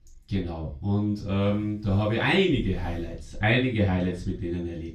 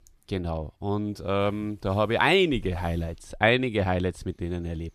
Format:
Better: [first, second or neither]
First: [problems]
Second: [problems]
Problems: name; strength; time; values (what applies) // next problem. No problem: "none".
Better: second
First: room echo; noticeable; dies away in 0.3 s // off-mic speech; far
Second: none